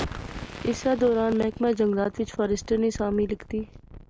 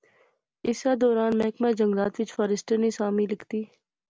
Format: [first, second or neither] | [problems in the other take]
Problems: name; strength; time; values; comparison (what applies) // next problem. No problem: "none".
second | background sound (Explosion); 13 dB below the speech